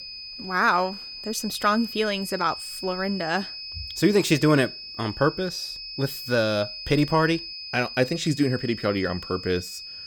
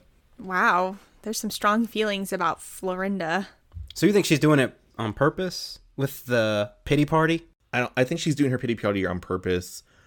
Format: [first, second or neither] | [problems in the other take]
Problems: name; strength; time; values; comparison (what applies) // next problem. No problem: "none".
second | high-pitched whine; loud; throughout; 5 kHz, 10 dB below the speech